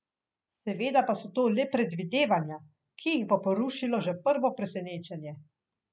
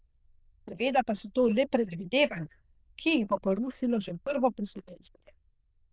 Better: first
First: none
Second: noise reduction (neural diffusion model UNIVERSE++)

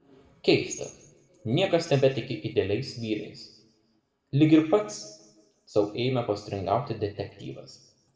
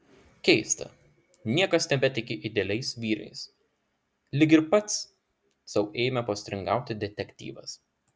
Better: second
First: room echo; dies away in 0.7 s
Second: none

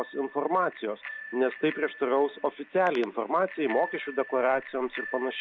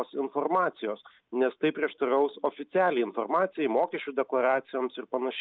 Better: second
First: background sound (Bicycle bell); 14 dB below the speech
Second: none

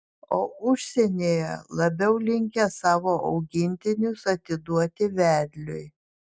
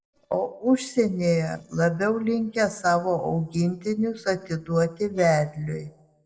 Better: first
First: none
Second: noise reduction (neural separator model SepFormer DNS4)

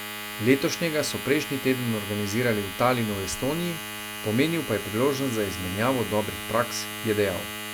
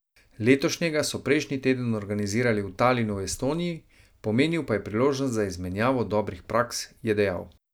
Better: second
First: background sound (Domestic sounds, home sounds); 8 dB below the speech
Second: none

